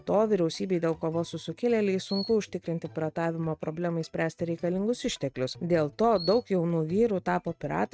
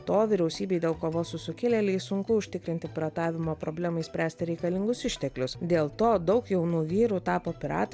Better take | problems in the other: second | noise reduction (neural mask model RNNoise)

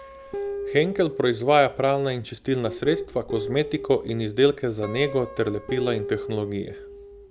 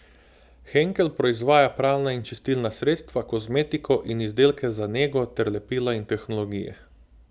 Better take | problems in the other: second | background sound (Guitar); 10 dB below the speech

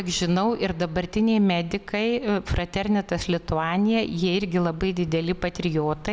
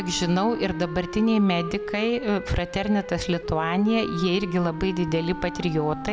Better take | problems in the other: first | background sound (Wind instrument, woodwind instrument); 10 dB below the speech

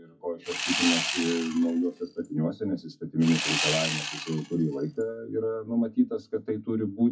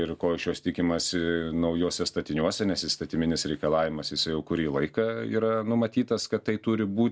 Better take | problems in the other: second | noise reduction (classical method WPE with log-MMSE)

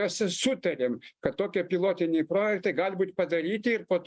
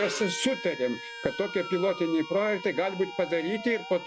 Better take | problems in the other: first | background sound (Bowed string instrument + Motor vehicle (road) / Siren); 11 dB below the speech

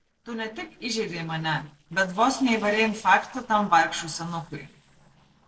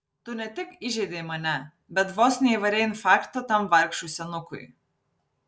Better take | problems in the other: second | noise reduction (neural separator model SepFormer DNS4)

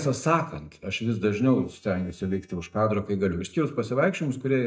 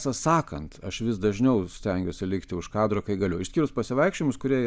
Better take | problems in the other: second | noise reduction (neural mask model DeepFilterNet 3)

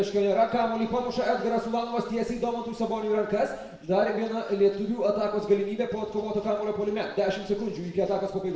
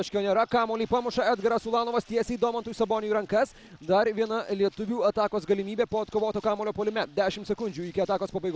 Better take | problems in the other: second | room echo; dies away in 0.9 s

